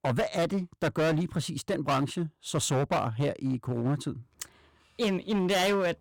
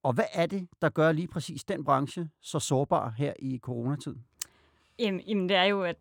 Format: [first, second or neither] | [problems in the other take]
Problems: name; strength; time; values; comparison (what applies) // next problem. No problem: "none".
second | distortion; heavy; 14% of the sound clipped